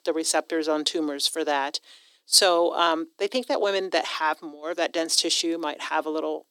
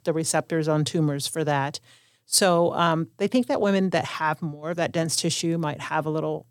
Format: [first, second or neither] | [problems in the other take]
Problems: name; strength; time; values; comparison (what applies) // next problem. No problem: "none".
second | thin; somewhat; fading below 300 Hz